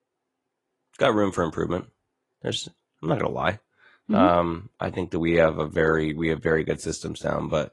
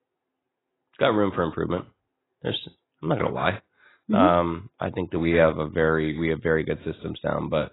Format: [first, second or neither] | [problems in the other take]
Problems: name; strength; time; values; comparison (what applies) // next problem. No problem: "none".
first | garbled, watery; badly; nothing above 4 kHz; slightly in the first